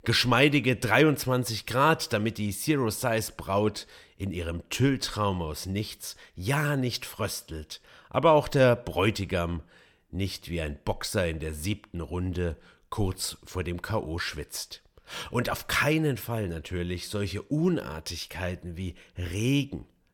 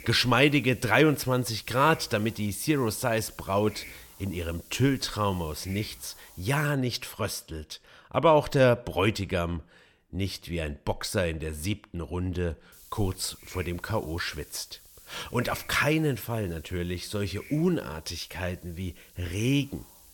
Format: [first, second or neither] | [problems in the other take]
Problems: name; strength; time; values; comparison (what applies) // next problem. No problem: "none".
first | hiss; faint; until 6.5 s and from 13 s on; 20 dB below the speech